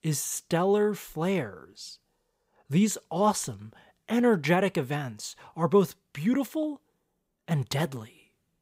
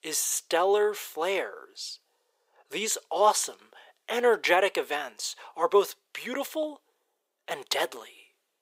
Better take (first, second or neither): first